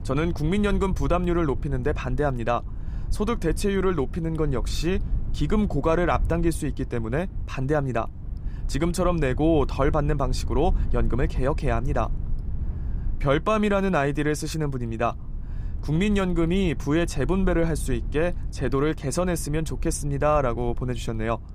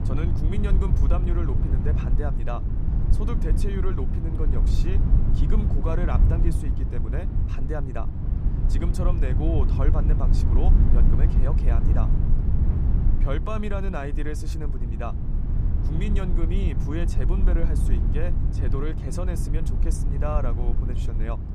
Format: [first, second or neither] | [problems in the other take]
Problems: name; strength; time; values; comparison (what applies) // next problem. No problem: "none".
first | low rumble; loud; throughout; 3 dB below the speech; faint in the first